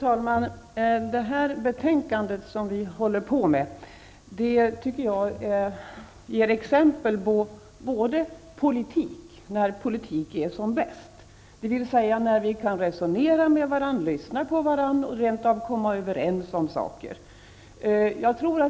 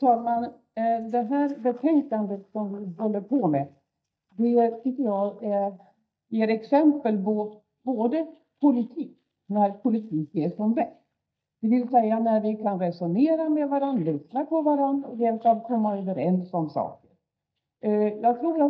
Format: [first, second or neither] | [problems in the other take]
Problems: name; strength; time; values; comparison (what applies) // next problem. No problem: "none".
first | noise reduction (neural mask model DeepFilterNet 3)